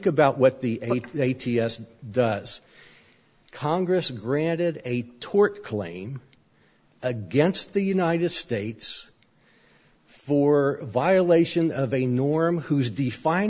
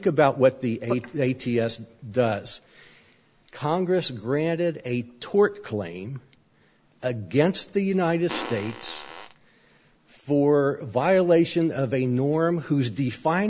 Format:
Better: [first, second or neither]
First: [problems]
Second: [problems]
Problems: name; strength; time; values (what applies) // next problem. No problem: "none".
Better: first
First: none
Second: background sound (Fart); 12 dB below the speech